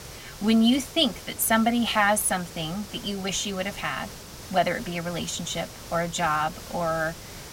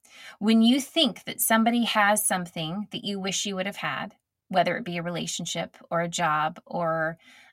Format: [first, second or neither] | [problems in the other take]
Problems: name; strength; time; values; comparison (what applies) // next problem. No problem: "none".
second | hiss; noticeable; throughout; 15 dB below the speech